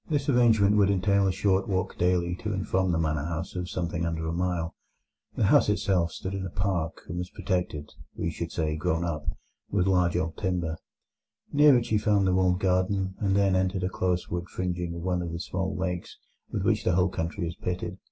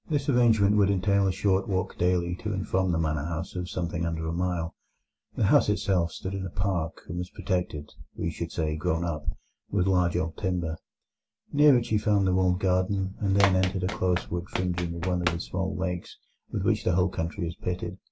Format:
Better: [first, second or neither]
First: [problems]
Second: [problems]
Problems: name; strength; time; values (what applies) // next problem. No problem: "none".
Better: first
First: none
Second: background sound (Run); 10 dB below the speech